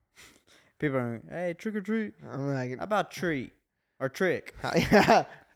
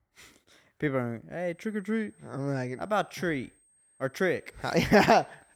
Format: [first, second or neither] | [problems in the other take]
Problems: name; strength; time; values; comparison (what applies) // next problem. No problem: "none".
first | high-pitched whine; faint; from 1.5 s on; 8.5 kHz, 35 dB below the speech